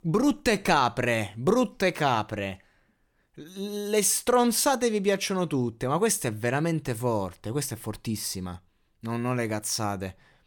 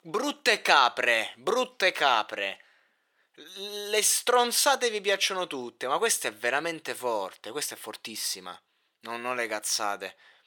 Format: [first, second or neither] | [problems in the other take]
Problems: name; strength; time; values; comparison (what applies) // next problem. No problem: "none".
first | thin; very; fading below 550 Hz